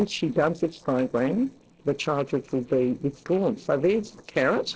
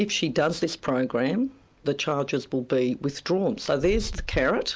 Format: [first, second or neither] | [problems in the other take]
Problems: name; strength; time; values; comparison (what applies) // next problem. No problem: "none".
second | noise reduction (neural separator model SepFormer DNS4)